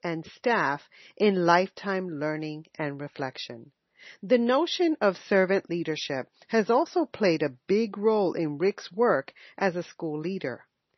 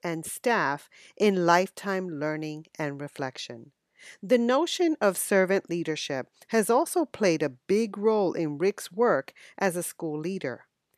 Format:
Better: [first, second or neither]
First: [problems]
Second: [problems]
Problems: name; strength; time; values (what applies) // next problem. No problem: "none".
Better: second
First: garbled, watery; slightly; nothing above 6 kHz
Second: none